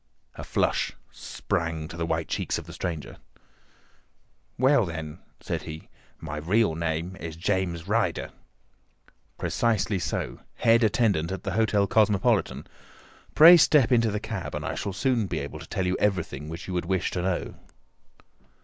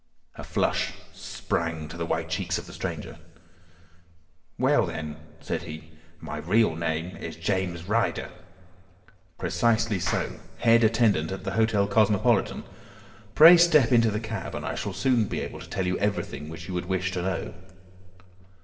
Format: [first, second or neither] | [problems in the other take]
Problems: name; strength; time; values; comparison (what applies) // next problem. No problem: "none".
first | background sound (Clapping); 17 dB below the speech // room echo; dies away in 2.2 s